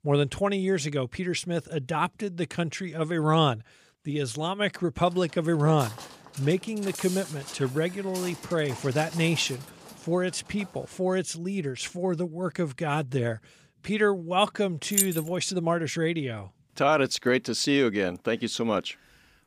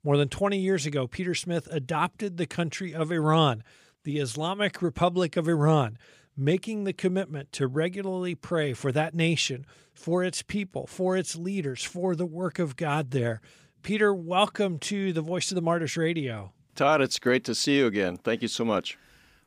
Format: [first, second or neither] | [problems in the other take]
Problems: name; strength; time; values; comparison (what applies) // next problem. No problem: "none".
second | footsteps; noticeable; from 5 to 11 s; peak 8 dB below the speech // jangling keys; loud; at 15 s; peak 3 dB above the speech